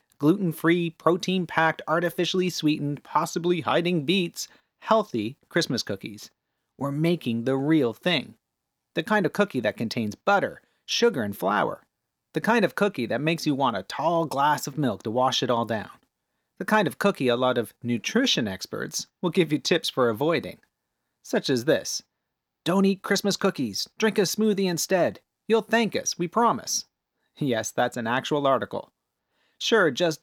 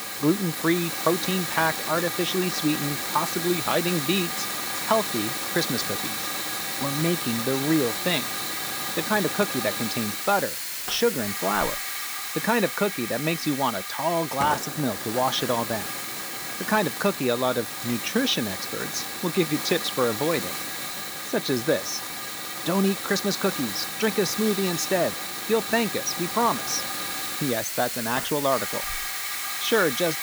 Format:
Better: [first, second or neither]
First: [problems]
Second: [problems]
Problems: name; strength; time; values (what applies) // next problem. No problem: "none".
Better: first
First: none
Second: hiss; loud; throughout; 2 dB below the speech